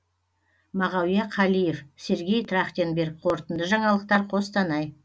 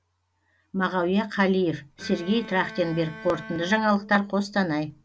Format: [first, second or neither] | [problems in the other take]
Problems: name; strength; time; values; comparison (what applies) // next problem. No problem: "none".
first | background sound (Bowed string instrument); 17 dB below the speech